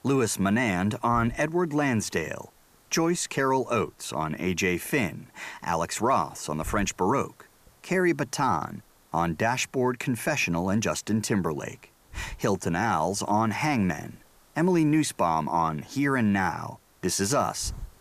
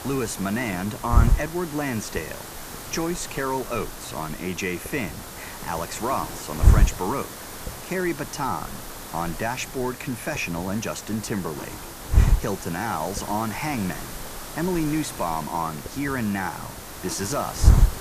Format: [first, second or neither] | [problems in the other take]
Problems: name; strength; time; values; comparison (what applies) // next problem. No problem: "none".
first | hiss; loud; throughout; 1 dB below the speech; faint in the first